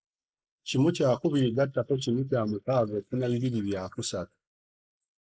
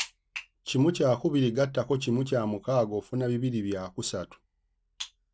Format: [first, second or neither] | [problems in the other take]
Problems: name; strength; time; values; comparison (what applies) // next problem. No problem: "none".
second | noise reduction (neural mask model Resemble Enhance denoiser)